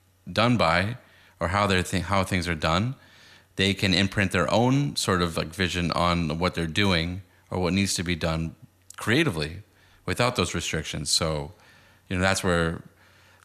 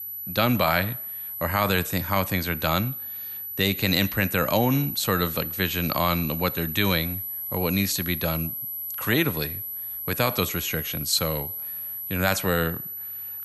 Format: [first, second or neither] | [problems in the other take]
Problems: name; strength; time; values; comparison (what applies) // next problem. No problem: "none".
first | high-pitched whine; loud; throughout; 12 kHz, 5 dB below the speech